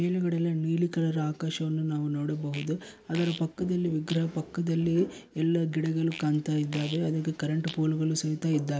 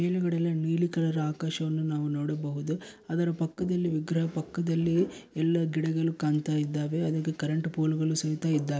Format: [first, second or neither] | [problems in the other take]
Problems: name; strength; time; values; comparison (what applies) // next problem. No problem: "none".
second | background sound (Fart); 18 dB below the speech